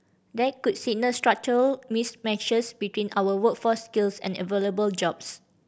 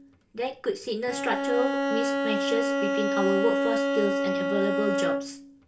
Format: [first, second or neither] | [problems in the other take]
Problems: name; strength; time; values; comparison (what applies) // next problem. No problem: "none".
first | background sound (Bowed string instrument); 2 dB above the speech // room echo; dies away in 0.2 s